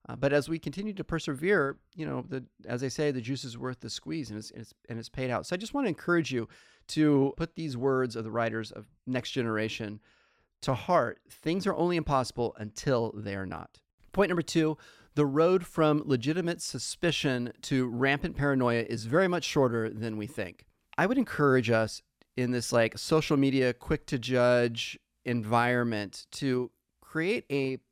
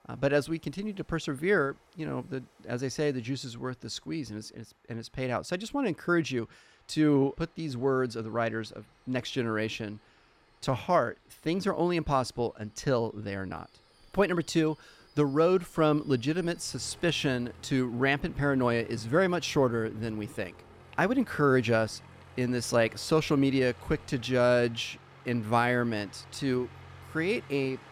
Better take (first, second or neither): first